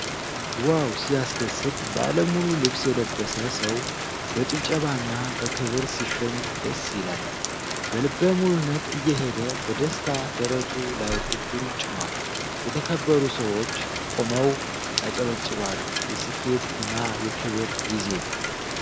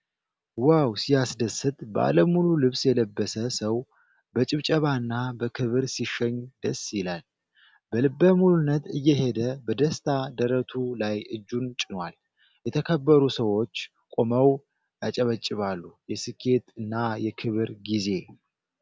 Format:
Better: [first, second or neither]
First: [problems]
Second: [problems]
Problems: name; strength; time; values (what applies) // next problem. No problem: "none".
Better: second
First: background sound (Rain); 2 dB below the speech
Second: none